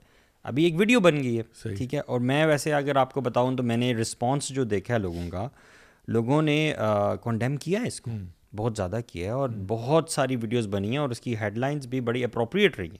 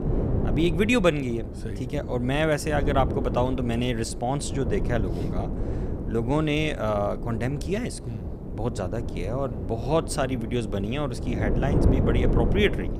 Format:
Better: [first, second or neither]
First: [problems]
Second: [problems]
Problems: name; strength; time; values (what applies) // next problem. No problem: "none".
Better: first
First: none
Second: wind noise on the microphone; heavy; 8 dB below the speech